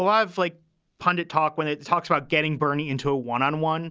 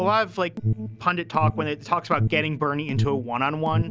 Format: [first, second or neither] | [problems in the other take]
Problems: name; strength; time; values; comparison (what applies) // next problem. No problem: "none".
first | background sound (Alarm); 3 dB below the speech